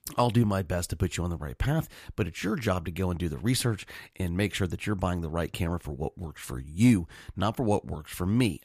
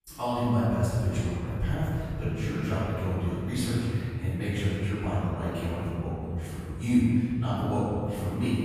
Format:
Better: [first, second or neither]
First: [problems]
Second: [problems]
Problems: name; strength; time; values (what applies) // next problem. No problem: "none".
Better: first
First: none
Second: off-mic speech; far // room echo; strong; dies away in 2.8 s